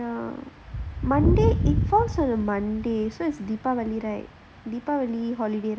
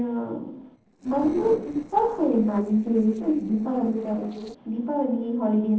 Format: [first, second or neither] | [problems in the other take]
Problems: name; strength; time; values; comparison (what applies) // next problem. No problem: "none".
first | noise reduction (neural separator model SepFormer DNS4)